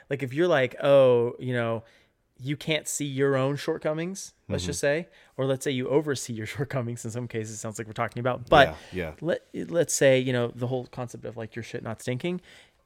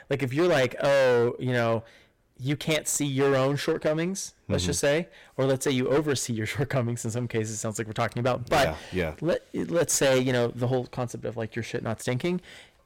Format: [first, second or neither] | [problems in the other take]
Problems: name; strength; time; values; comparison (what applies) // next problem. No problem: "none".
first | distortion; heavy; 12% of the sound clipped